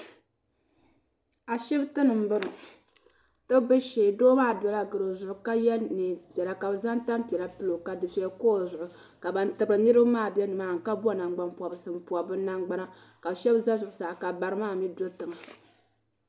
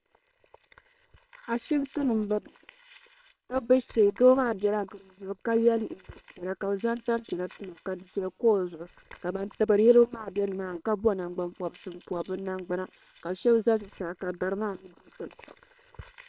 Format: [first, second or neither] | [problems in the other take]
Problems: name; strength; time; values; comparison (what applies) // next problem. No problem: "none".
first | noise reduction (neural separator model SepFormer WHAM!)